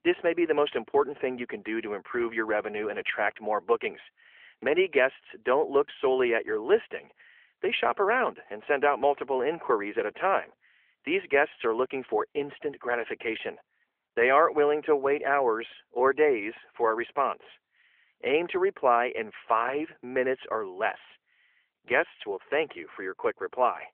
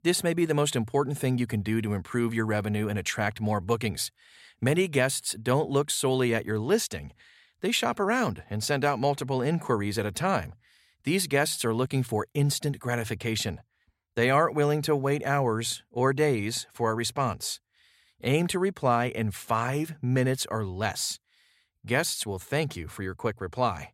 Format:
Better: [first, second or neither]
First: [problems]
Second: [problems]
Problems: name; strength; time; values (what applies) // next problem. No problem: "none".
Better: second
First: phone-call audio; nothing above 3 kHz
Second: none